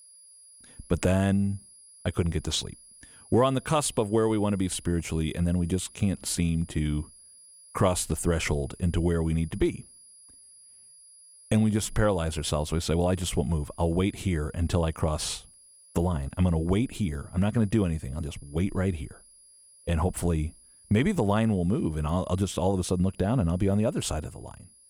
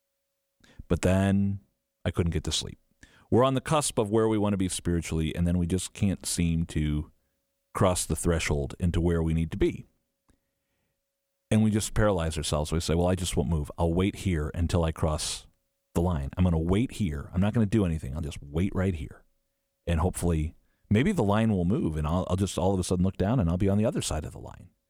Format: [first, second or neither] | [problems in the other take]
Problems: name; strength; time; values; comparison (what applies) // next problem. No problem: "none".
second | high-pitched whine; faint; throughout; 10.5 kHz, 25 dB below the speech